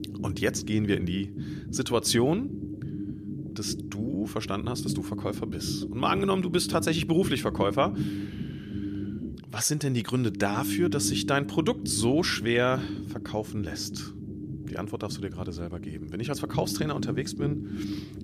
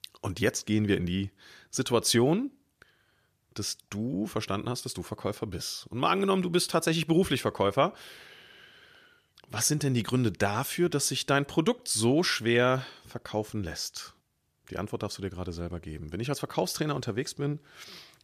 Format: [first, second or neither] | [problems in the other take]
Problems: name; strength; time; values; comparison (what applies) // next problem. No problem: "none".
second | low rumble; noticeable; throughout; 10 dB below the speech